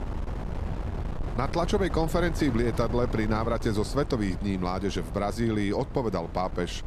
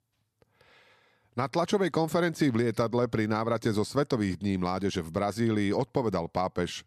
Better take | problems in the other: second | wind noise on the microphone; occasional gusts; 10 dB below the speech

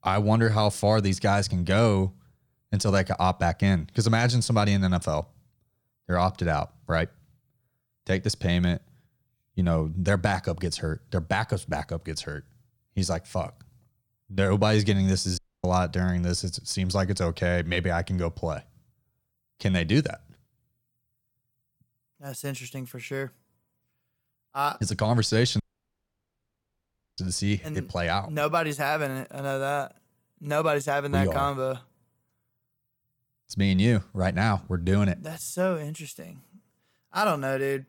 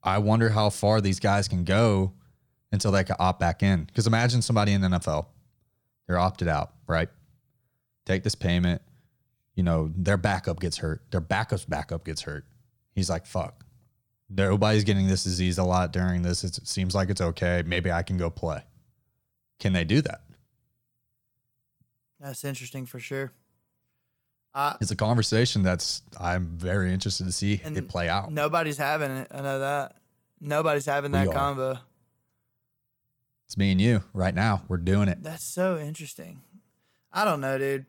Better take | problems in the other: second | audio cutting out; at 15 s and at 26 s for 1.5 s

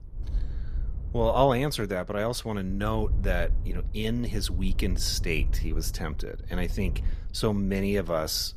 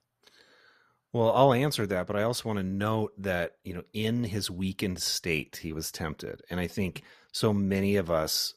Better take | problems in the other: second | wind noise on the microphone; occasional gusts; 20 dB below the speech

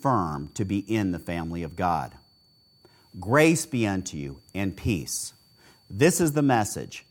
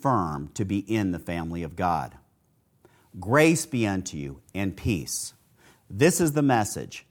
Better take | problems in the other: second | high-pitched whine; faint; throughout; 4.5 kHz, 35 dB below the speech

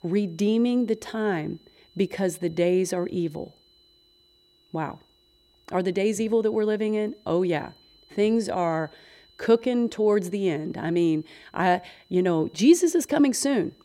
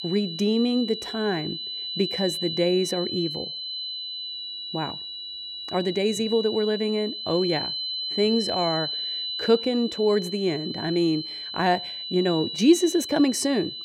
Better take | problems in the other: first | high-pitched whine; loud; throughout; 4 kHz, 5 dB below the speech; faint in the first

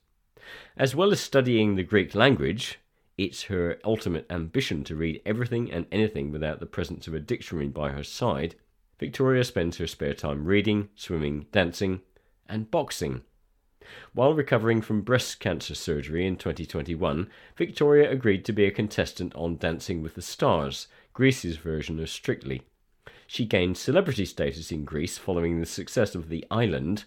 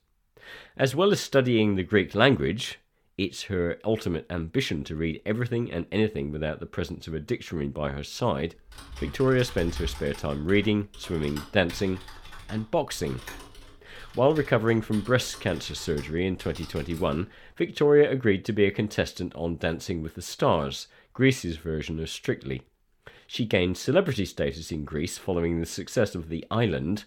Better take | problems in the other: first | keyboard typing; noticeable; from 8.5 to 17 s; peak 9 dB below the speech

